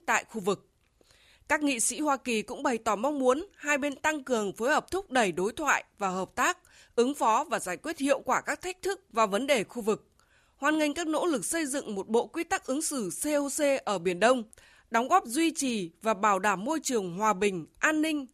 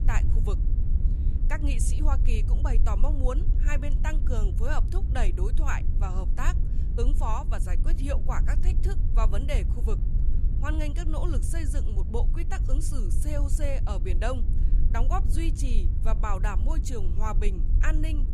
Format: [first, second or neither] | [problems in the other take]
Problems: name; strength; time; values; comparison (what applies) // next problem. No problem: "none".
first | low rumble; loud; throughout; 10 dB below the speech